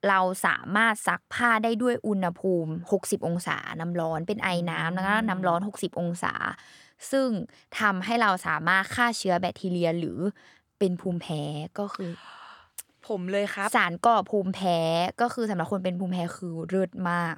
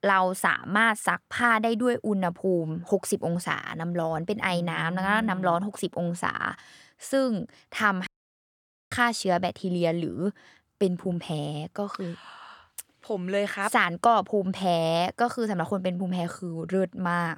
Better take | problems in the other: first | audio cutting out; at 8 s for 1 s

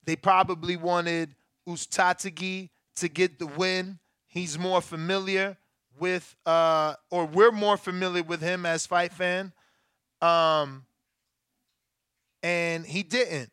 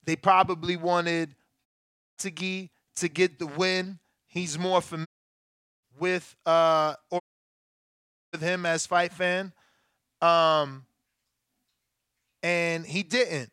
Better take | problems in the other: first | audio cutting out; at 1.5 s for 0.5 s, at 5 s for 1 s and at 7 s for 1 s

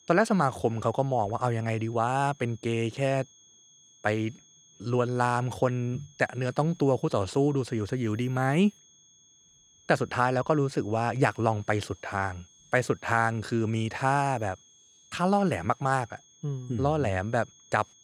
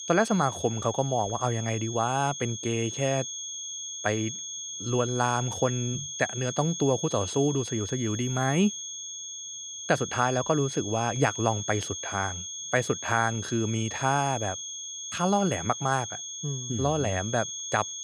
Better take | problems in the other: first | high-pitched whine; loud; throughout; 6.5 kHz, 6 dB below the speech; faint in the first

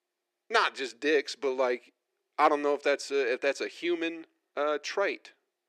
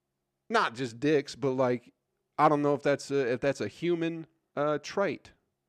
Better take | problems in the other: second | thin; somewhat; fading below 350 Hz

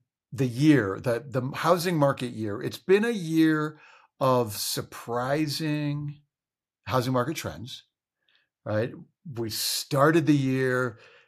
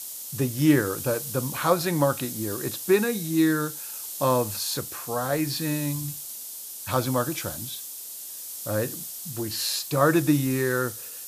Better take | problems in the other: first | hiss; loud; throughout; 8 dB below the speech

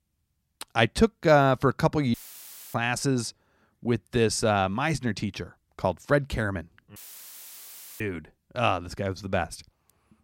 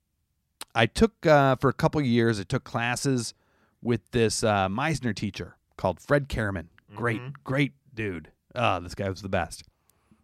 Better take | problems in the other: second | audio cutting out; filled with static; at 2 s for 0.5 s and at 7 s for 1 s

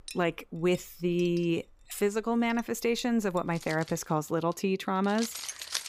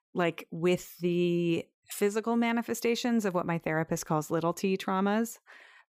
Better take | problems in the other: second | household noises; noticeable; throughout; 15 dB below the speech

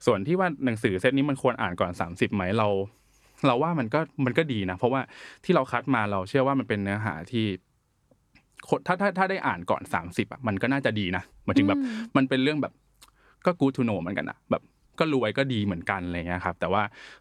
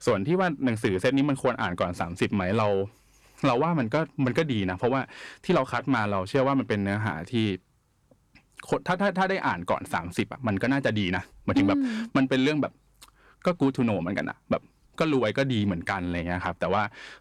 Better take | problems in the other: first | distortion; slight; 10 dB below the speech

